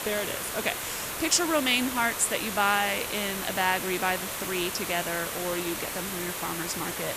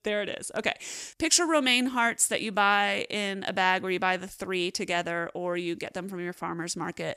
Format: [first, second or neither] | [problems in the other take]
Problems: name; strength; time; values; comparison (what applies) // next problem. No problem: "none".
second | hiss; loud; throughout; 4 dB below the speech